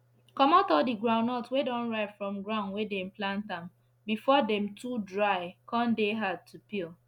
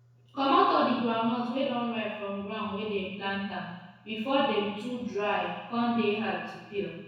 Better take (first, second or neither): first